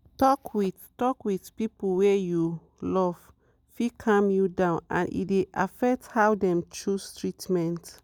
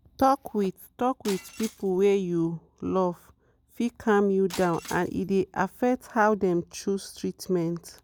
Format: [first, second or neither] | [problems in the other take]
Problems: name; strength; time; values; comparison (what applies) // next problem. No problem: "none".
first | background sound (Shatter); 19 dB below the speech